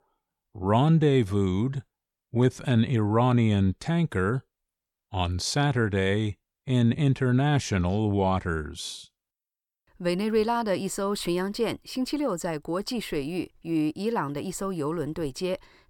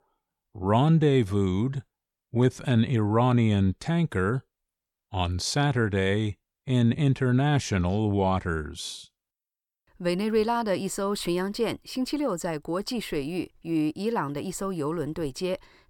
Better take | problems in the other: neither | none

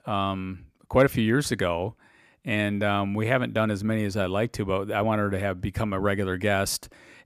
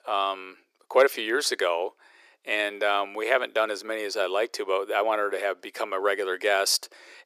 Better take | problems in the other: first | thin; very; fading below 400 Hz

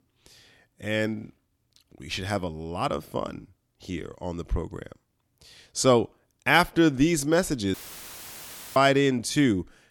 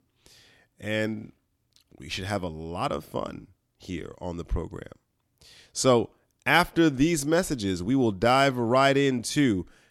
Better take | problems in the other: second | audio cutting out; filled with static; at 7.5 s for 1 s

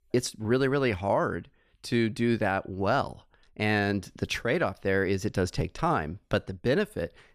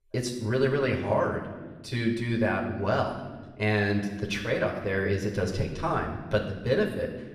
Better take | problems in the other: first | room echo; noticeable; dies away in 1.1 s // off-mic speech; somewhat distant

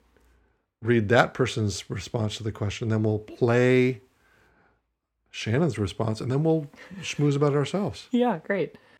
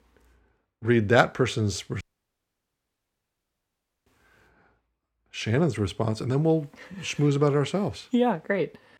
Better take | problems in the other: first | audio cutting out; at 2 s for 2 s

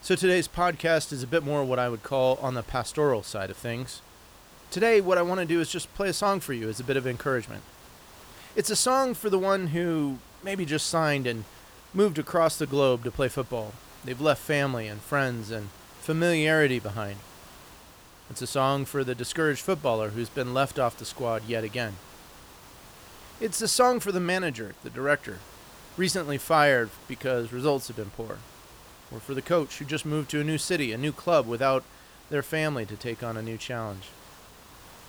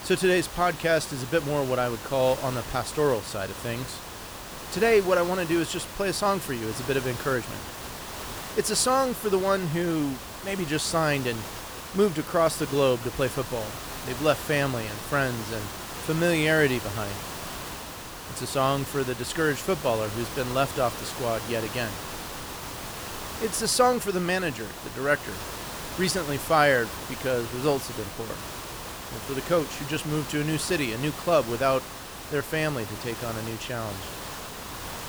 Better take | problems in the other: first | hiss; loud; throughout; 9 dB below the speech; faint in the first

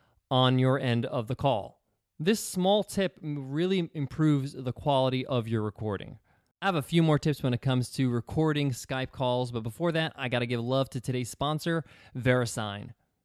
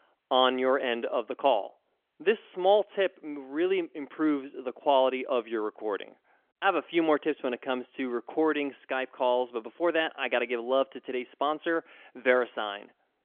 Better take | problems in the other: first | phone-call audio; nothing above 3.5 kHz

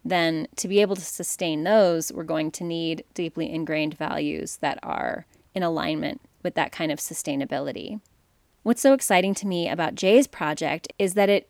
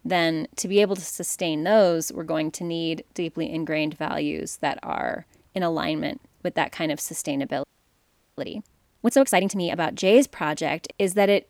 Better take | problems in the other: first | audio freezing; at 7.5 s for 0.5 s

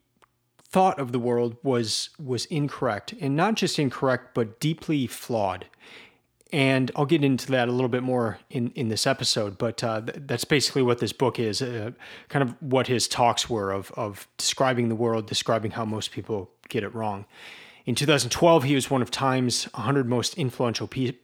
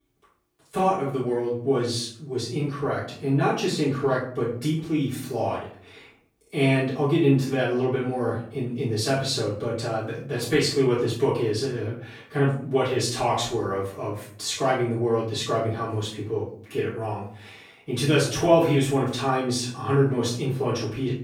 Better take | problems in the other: first | off-mic speech; far // room echo; noticeable; dies away in 0.4 s

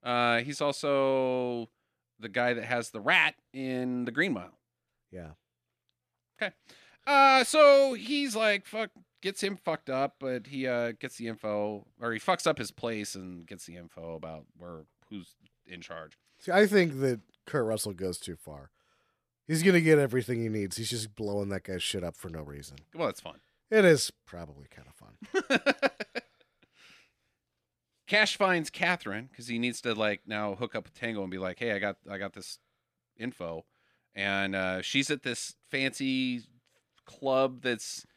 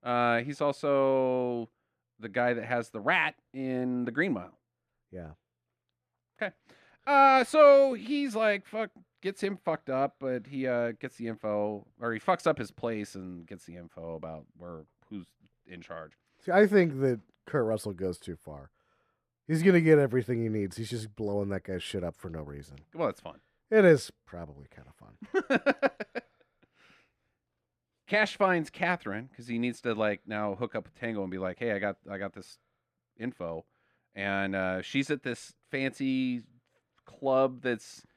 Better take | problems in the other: first | muffled; slightly; fading above 2.5 kHz

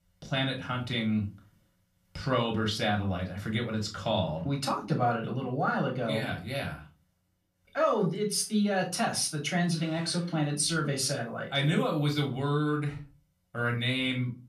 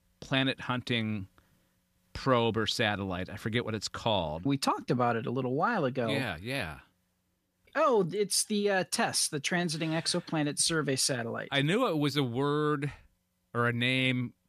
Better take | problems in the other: second | off-mic speech; far // room echo; very slight; dies away in 0.3 s

